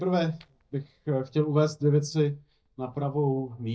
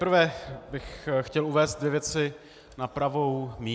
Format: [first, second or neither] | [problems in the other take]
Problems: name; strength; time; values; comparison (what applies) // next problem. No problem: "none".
second | noise reduction (neural mask model DeepFilterNet 3)